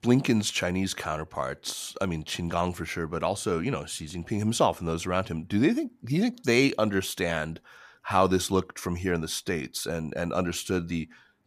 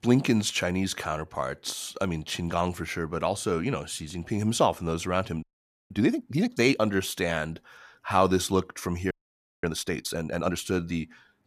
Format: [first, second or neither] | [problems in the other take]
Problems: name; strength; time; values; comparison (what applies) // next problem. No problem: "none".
first | audio freezing; at 5.5 s and at 9 s for 0.5 s